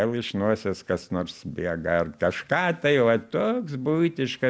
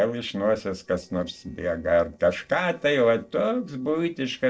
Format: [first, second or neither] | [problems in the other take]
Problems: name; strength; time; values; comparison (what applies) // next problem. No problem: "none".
first | noise reduction (neural separator model SepFormer DNS4)